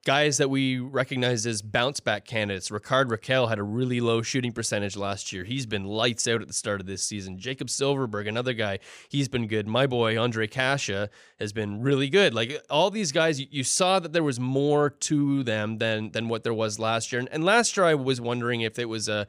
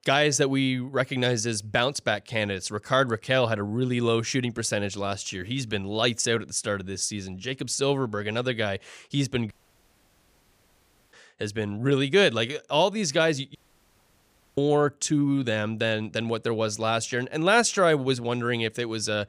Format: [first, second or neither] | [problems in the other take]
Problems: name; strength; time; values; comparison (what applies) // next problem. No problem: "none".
first | audio cutting out; at 9.5 s for 1.5 s and at 14 s for 1 s